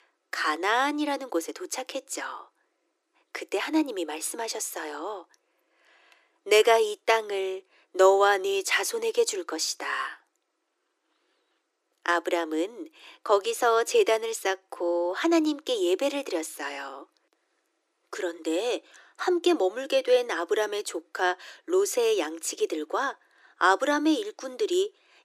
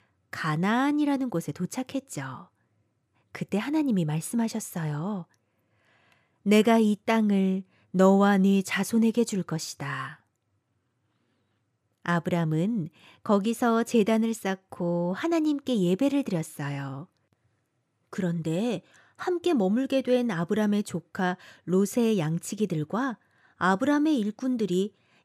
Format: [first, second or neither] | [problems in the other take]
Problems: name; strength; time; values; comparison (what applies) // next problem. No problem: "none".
second | thin; very; fading below 300 Hz